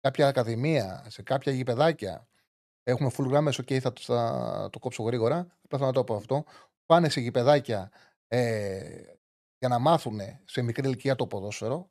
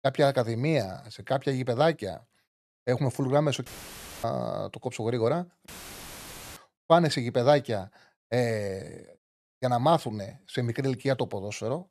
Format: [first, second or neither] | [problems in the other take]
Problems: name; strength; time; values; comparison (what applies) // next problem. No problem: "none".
first | audio cutting out; filled with static; at 3.5 s for 0.5 s and at 5.5 s for 1 s